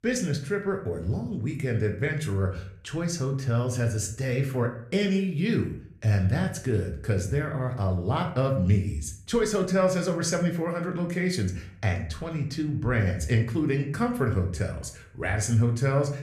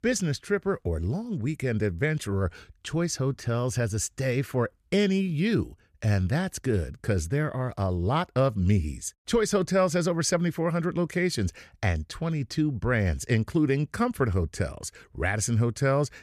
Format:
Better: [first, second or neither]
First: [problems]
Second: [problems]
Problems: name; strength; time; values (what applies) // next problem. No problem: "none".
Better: second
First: room echo; slight; dies away in 0.4 s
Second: none